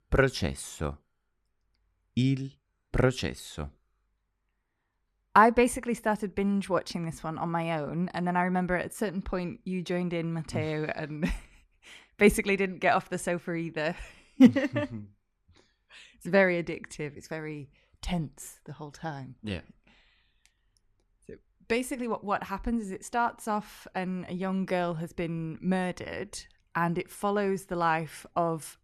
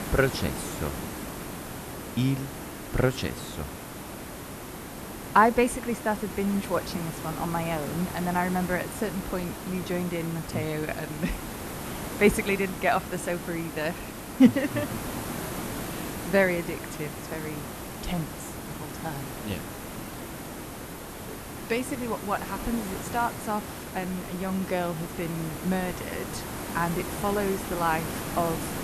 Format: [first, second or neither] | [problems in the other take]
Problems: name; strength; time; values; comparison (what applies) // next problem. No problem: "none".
first | hiss; loud; throughout; 7 dB below the speech